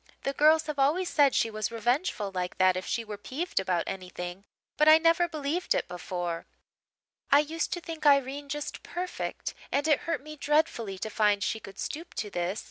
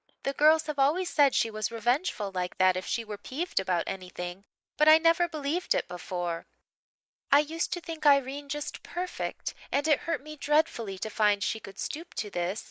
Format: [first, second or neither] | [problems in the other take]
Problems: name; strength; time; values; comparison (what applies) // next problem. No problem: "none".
first | noise reduction (neural mask model Resemble Enhance denoiser)